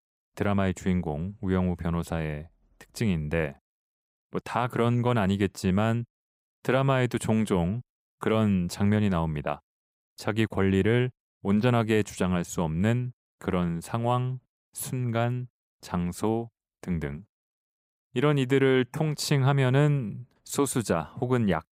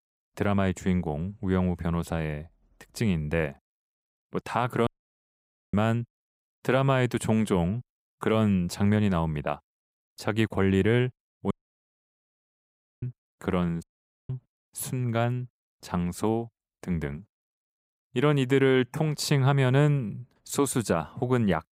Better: first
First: none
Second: audio cutting out; at 5 s for 1 s, at 12 s for 1.5 s and at 14 s

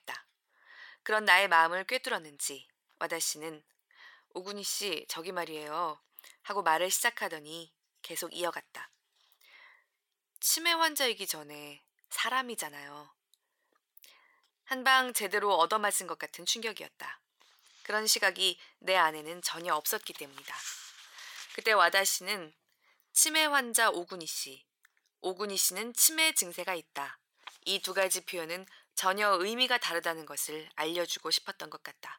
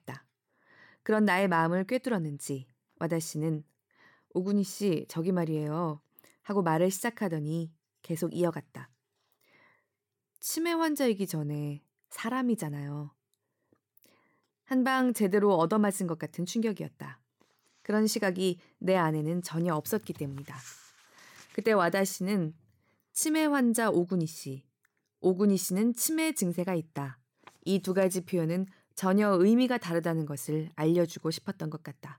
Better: second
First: thin; very; fading below 900 Hz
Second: none

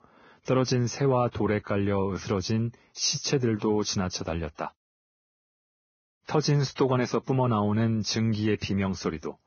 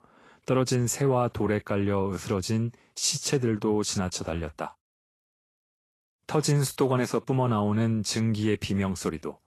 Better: second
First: garbled, watery; badly; nothing above 6.5 kHz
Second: garbled, watery; slightly; nothing above 12.5 kHz

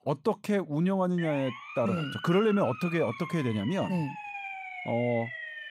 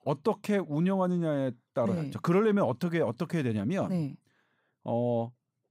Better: second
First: siren; noticeable; from 1 s on; peak 8 dB below the speech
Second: none

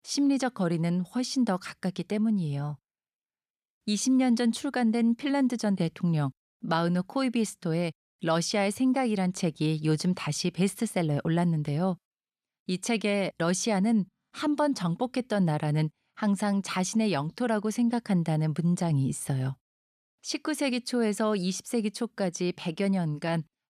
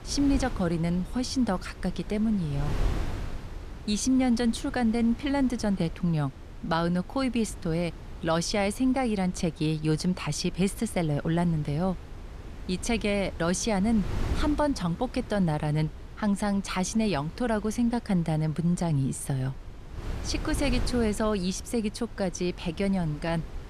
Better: first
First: none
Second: wind noise on the microphone; occasional gusts; 15 dB below the speech

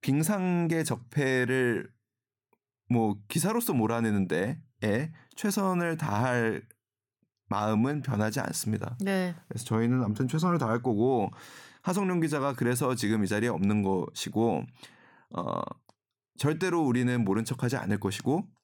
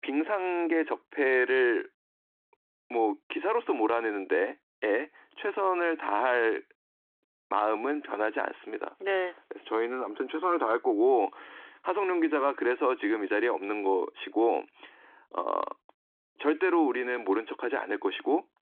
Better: first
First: none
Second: phone-call audio

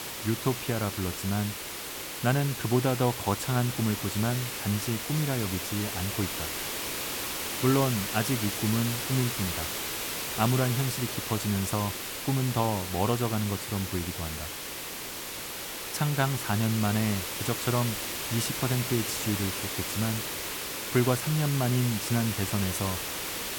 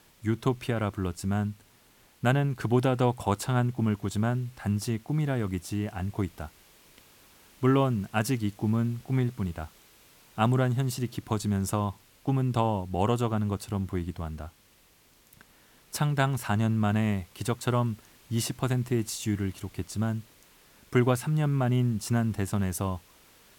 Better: second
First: hiss; loud; throughout; 3 dB below the speech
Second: hiss; faint; throughout; 30 dB below the speech

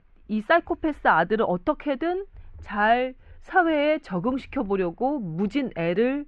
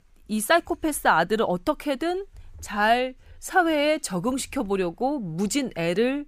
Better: second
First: muffled; very; fading above 2.5 kHz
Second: none

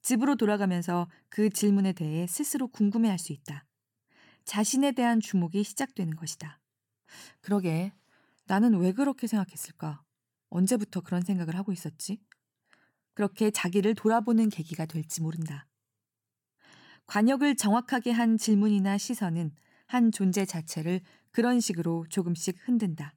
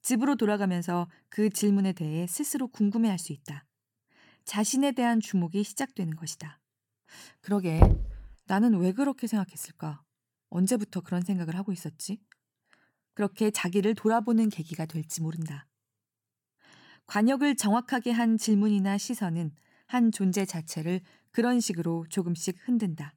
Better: first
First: none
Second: door banging; loud; at 8 s; peak 5 dB above the speech

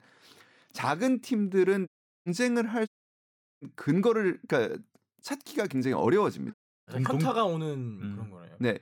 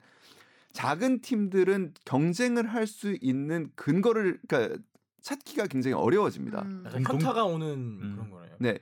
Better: second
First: audio cutting out; at 2 s, at 3 s for 0.5 s and at 6.5 s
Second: none

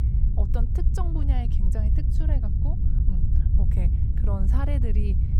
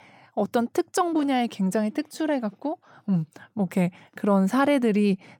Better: second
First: low rumble; loud; throughout; 1 dB below the speech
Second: none

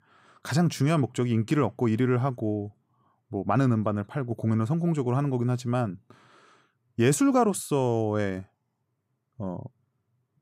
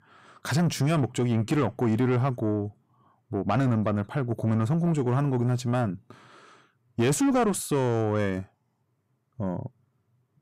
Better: first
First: none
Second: distortion; slight; 10 dB below the speech

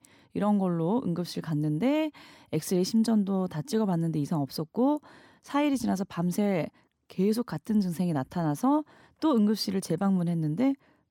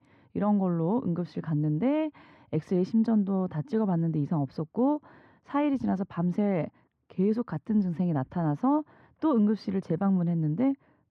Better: first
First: none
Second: muffled; very; fading above 2 kHz

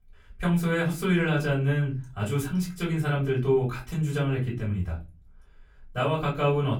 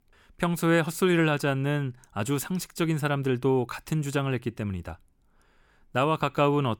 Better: second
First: off-mic speech; far // room echo; very slight; dies away in 0.3 s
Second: none

